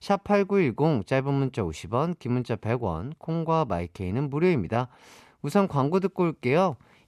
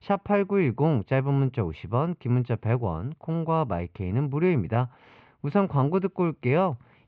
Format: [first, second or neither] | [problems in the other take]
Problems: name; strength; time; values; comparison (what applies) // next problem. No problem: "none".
first | muffled; very; fading above 3 kHz